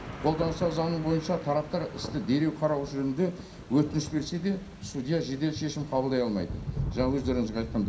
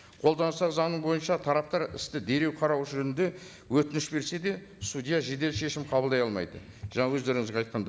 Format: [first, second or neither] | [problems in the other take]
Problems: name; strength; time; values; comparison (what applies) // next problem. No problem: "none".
second | background sound (Thunder / Rain); 10 dB below the speech // room echo; dies away in 0.3 s